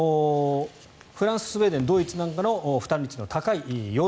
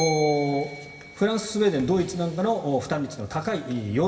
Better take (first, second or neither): first